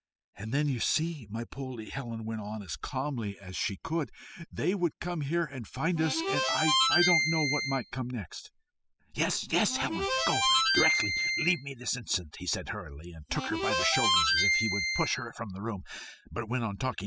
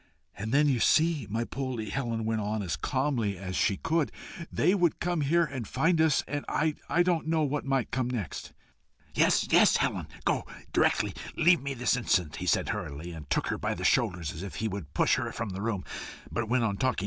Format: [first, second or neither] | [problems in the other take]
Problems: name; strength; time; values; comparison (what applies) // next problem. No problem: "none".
second | noise reduction (classical method spectral subtraction)